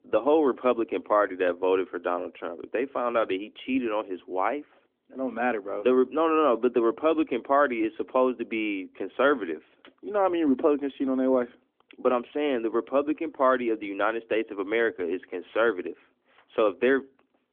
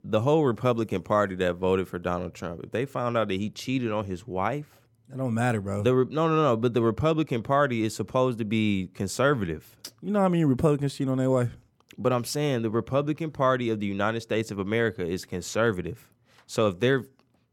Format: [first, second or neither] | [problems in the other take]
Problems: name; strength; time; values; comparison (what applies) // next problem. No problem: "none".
second | phone-call audio; nothing above 3.5 kHz